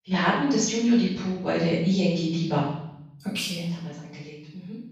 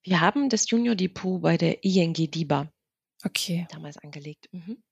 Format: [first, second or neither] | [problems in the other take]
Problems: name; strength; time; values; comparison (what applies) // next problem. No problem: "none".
second | off-mic speech; far // room echo; strong; dies away in 0.8 s